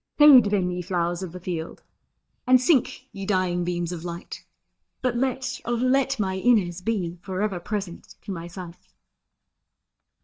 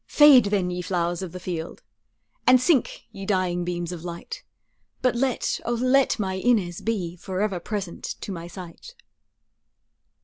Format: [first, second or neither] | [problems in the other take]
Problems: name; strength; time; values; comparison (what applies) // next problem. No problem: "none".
second | noise reduction (neural mask model DeepFilterNet 3)